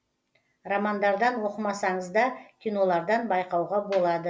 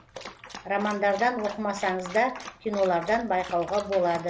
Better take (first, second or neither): first